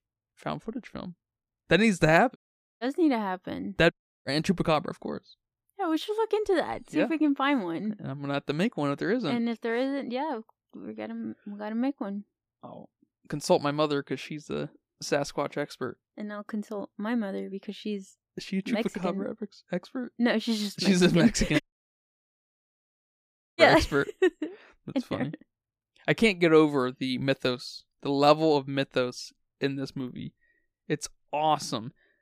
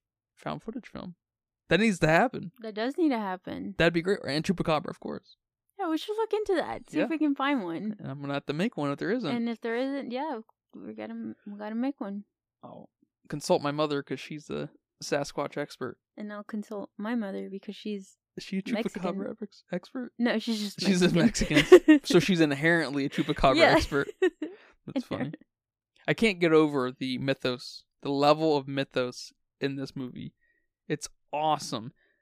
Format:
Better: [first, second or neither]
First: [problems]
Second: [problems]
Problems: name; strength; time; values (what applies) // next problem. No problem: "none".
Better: second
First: audio cutting out; at 2.5 s, at 4 s and at 22 s for 2 s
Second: none